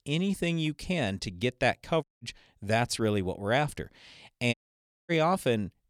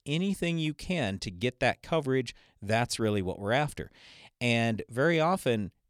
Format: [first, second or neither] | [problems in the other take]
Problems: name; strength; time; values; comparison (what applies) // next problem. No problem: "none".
second | audio cutting out; at 2 s and at 4.5 s for 0.5 s